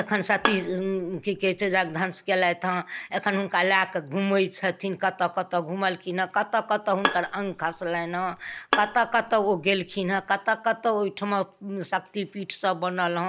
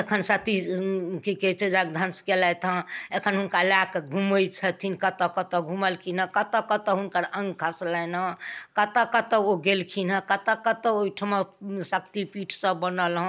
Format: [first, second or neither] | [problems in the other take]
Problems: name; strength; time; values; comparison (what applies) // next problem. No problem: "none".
second | background sound (Bowed string instrument); 7 dB below the speech